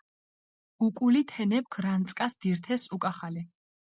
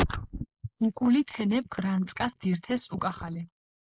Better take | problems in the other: first | noise reduction (neural mask model Resemble Enhance denoiser)

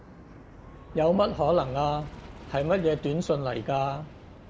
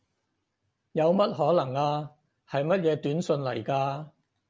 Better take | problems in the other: second | background sound (Aircraft); 16 dB below the speech

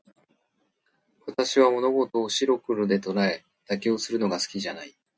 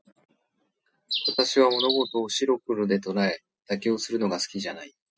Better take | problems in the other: first | noise reduction (classical method spectral subtraction)

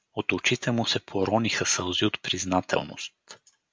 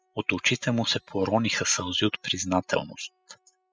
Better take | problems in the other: first | noise reduction (classical method spectral subtraction)

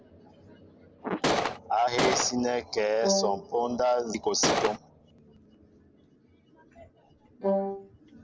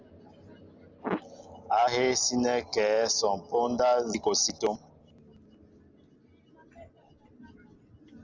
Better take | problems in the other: second | background sound (Gunshot, gunfire + Wind instrument, woodwind instrument); 3 dB above the speech

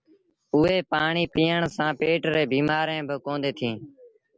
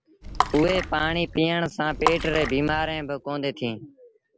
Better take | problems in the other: first | background sound (Water / Splash, splatter); 5 dB below the speech

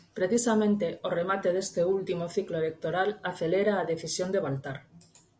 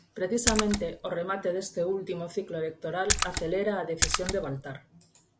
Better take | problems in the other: first | background sound (Splash, splatter); as loud as the speech

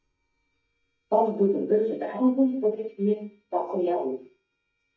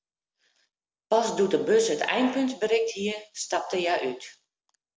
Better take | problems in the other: second | noise reduction (neural mask model DeepFilterNet 3)

